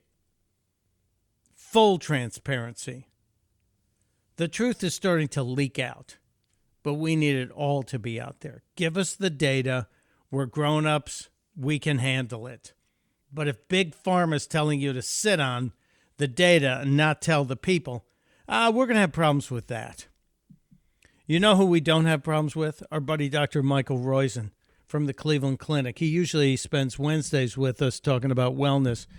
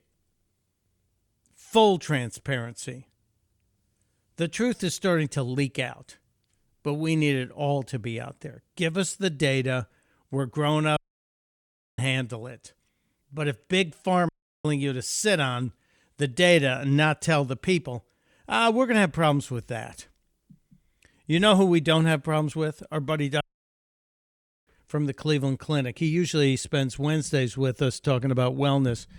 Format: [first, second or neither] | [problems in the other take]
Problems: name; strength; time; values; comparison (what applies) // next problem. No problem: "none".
first | audio cutting out; at 11 s for 1 s, at 14 s and at 23 s for 1.5 s